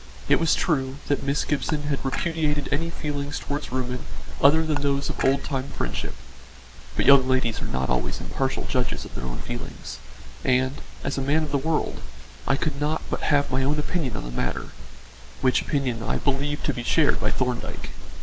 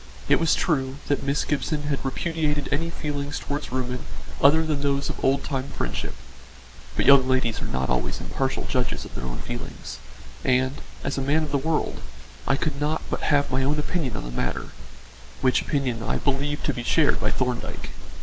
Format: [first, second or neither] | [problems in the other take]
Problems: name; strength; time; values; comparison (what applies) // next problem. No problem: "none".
second | background sound (Dishes, pots, and pans / Chink, clink); 18 dB below the speech